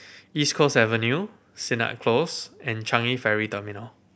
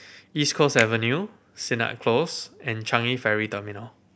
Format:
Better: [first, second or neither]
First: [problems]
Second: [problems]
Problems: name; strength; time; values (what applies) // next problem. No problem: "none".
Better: first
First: none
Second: background sound (Finger snapping); 13 dB below the speech